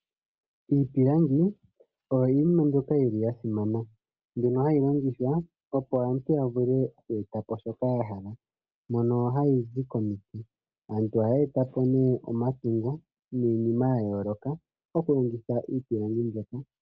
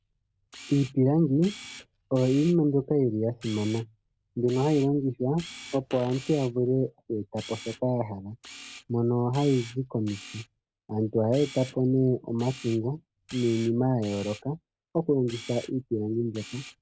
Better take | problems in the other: first | background sound (Camera + Fart); 20 dB below the speech

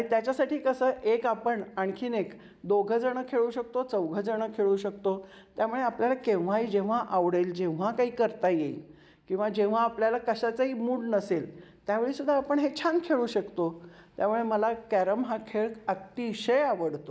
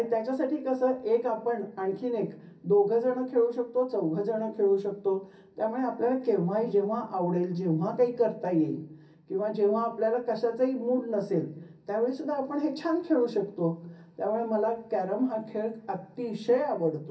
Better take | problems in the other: first | room echo; dies away in 0.3 s

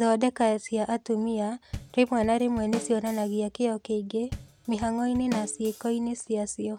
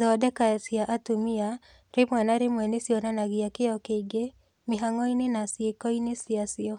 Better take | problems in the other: second | background sound (Drum kit); 12 dB below the speech

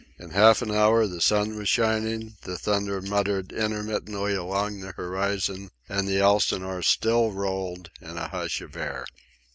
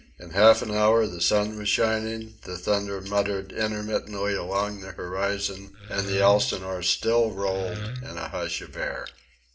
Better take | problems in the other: first | background sound (Wood); 10 dB below the speech // room echo; dies away in 0.4 s

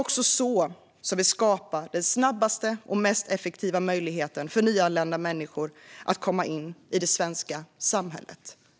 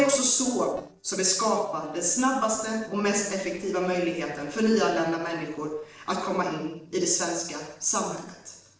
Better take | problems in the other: first | noise reduction (neural separator model SepFormer DNS4)

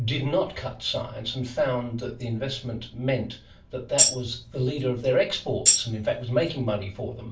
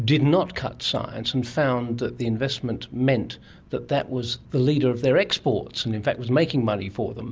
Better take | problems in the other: second | background sound (Tambourine); 4 dB above the speech // room echo; dies away in 0.3 s

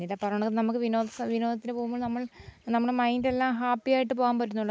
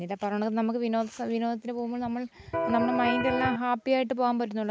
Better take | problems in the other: first | background sound (Electric guitar); 1 dB below the speech

